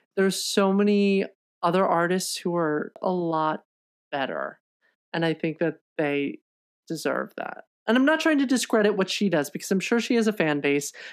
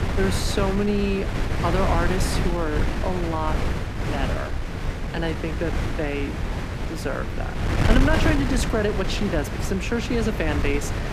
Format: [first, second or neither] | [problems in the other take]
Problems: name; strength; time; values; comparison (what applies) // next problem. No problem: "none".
first | wind noise on the microphone; heavy; 3 dB below the speech